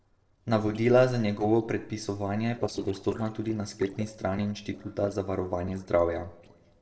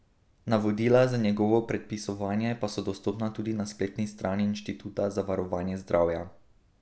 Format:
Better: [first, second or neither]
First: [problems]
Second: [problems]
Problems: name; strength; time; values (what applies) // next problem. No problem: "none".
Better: second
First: noise reduction (neural separator model SepFormer DNS4)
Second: none